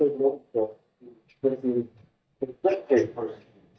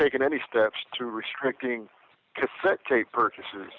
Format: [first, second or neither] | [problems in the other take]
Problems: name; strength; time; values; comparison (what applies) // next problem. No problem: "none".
second | noise reduction (neural mask model DeepFilterNet 3)